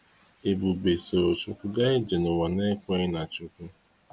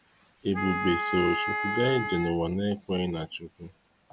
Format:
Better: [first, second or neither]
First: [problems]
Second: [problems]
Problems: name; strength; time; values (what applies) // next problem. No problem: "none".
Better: first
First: none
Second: background sound (Wind instrument, woodwind instrument); 2 dB below the speech